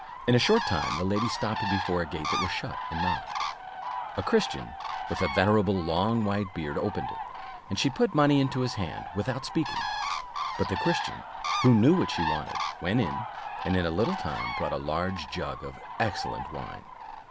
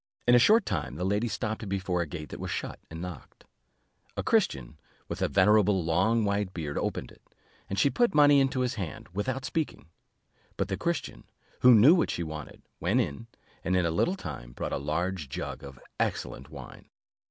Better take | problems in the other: second | background sound (Bird); 6 dB below the speech

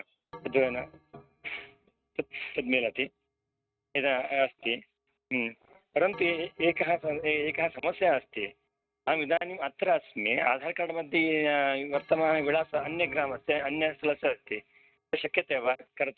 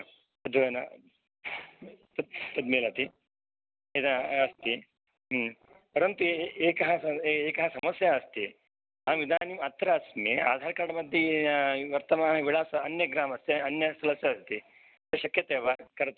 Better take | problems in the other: second | noise reduction (neural mask model RNNoise)

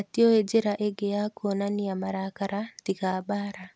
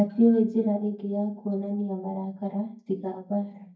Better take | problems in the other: first | noise reduction (neural mask model DeepFilterNet 3)

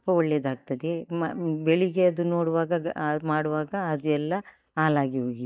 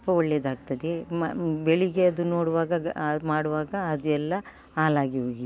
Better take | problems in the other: second | noise reduction (neural mask model DeepFilterNet 3)

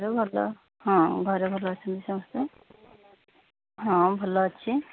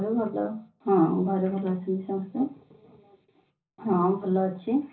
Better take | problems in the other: first | room echo; dies away in 0.5 s

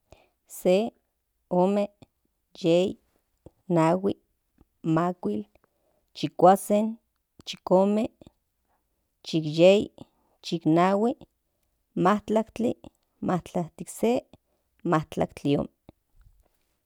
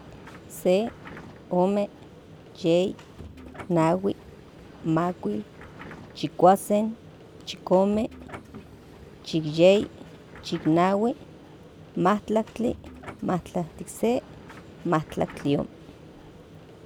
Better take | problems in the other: first | background sound (Subway, metro, underground); 18 dB below the speech

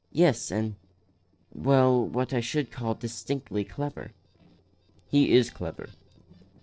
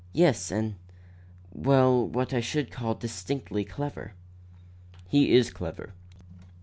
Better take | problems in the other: second | noise reduction (neural separator model SepFormer DNS4)

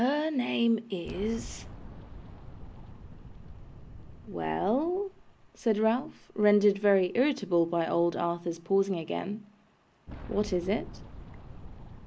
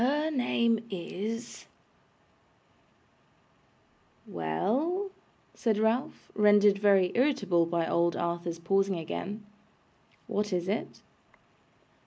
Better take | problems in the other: second | background sound (Boom); 16 dB below the speech

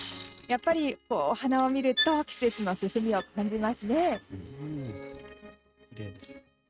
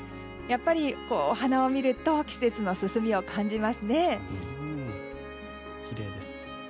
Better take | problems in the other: second | noise reduction (neural mask model RNNoise)

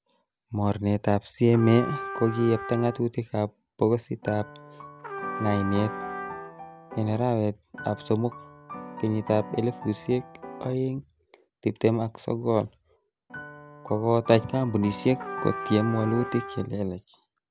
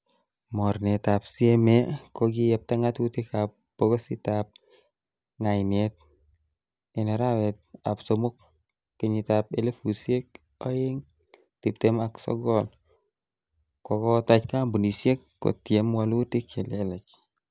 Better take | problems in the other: second | background sound (Piano + Trumpet); 11 dB below the speech

